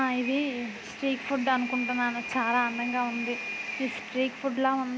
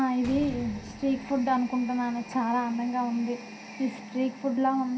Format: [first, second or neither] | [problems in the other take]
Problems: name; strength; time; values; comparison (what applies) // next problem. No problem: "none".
first | background sound (Slam); 19 dB below the speech // room echo; dies away in 0.3 s